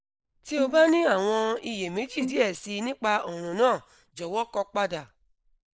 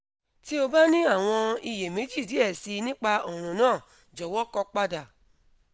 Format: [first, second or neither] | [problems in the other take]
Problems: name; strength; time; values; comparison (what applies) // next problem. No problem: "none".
second | noise reduction (neural mask model Resemble Enhance denoiser)